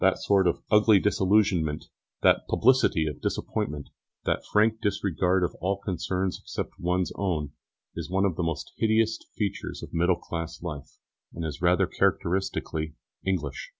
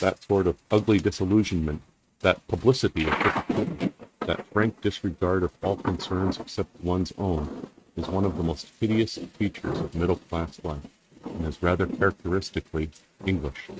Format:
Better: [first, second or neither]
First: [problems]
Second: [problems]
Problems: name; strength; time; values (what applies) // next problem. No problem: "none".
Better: first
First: none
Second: noise reduction (neural mask model RNNoise)